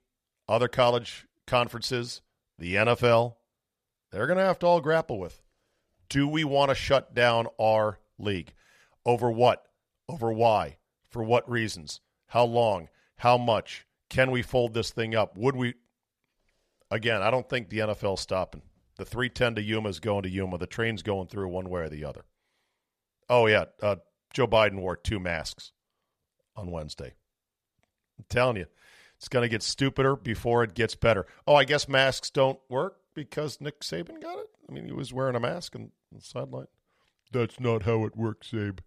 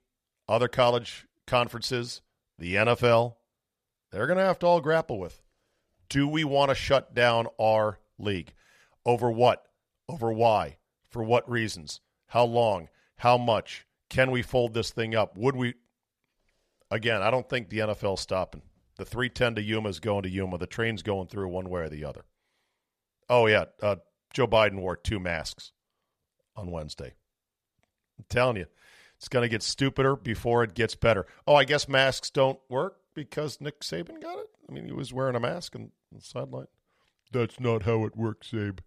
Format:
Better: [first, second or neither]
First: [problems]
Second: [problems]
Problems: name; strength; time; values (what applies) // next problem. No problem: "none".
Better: neither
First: none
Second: none